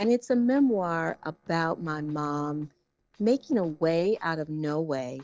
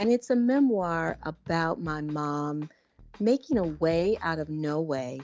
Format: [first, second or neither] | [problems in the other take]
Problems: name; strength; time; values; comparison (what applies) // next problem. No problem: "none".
second | noise reduction (neural separator model SepFormer DNS4)